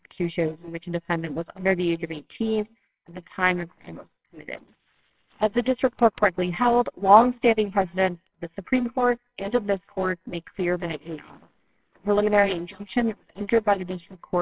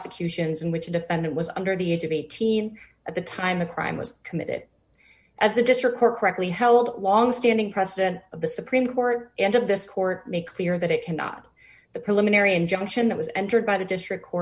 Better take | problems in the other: second | noise reduction (neural separator model SepFormer WHAMR!)

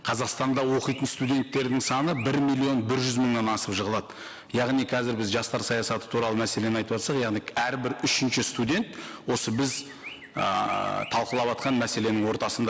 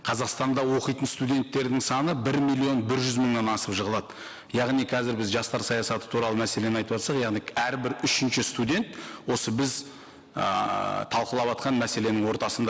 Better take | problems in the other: second | background sound (Chirp, tweet); 20 dB below the speech

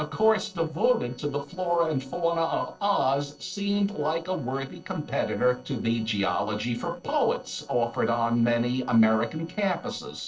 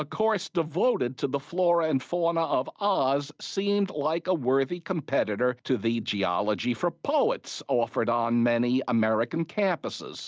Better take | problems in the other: second | noise reduction (neural separator model SepFormer DNS4)

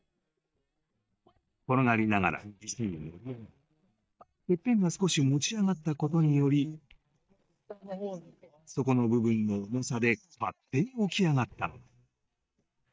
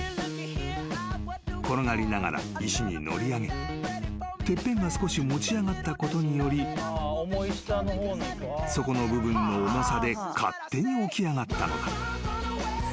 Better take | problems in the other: second | noise reduction (neural mask model DeepFilterNet 3)

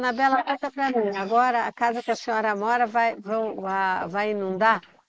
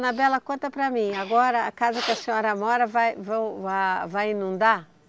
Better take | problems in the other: second | noise reduction (neural mask model Resemble Enhance denoiser)

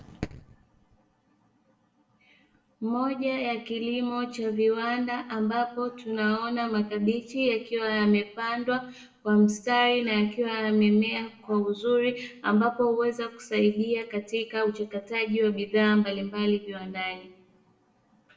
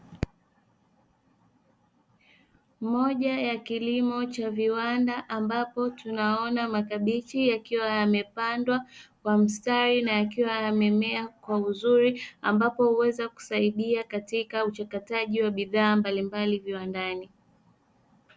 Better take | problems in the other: second | room echo; dies away in 0.6 s

